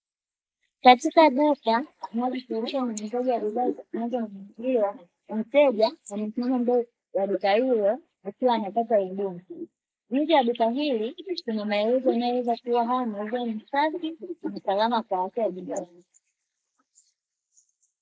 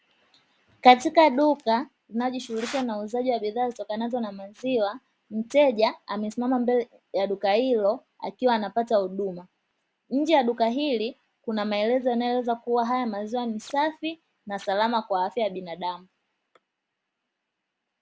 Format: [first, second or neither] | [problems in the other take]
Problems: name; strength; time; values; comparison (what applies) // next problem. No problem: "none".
second | noise reduction (neural mask model Resemble Enhance denoiser)